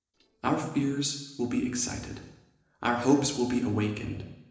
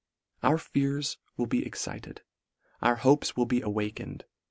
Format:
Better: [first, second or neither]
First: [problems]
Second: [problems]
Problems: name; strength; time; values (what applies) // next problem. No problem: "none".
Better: second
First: noise reduction (neural separator model SepFormer DNS4)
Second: none